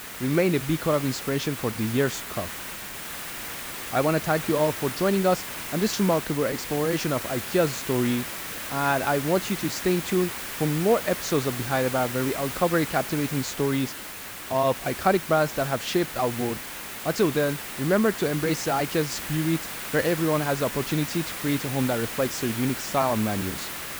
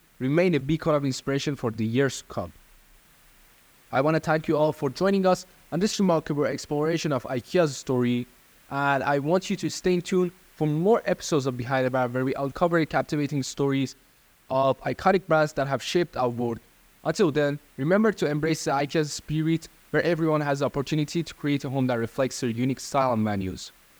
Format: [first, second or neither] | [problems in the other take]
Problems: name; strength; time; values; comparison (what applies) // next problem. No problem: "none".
second | hiss; loud; throughout; 7 dB below the speech; faint in the second